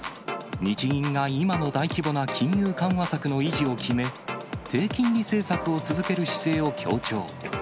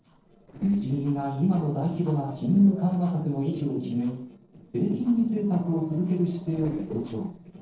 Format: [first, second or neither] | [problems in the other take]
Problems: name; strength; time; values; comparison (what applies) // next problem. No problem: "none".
first | noise reduction (neural separator model SepFormer DNS4)